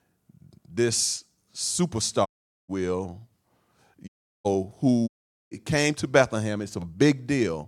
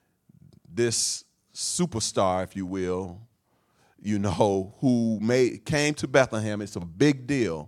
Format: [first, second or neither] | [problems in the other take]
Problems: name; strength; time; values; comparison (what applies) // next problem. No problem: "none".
second | audio cutting out; at 2.5 s, at 4 s and at 5 s